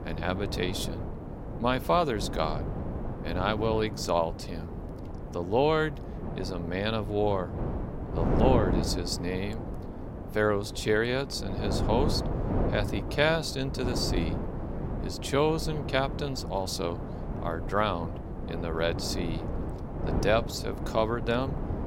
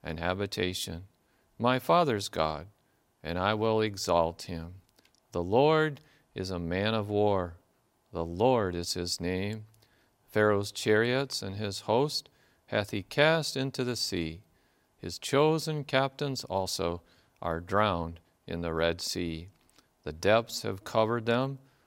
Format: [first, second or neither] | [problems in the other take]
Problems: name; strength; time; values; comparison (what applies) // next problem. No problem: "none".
second | wind noise on the microphone; heavy; 9 dB below the speech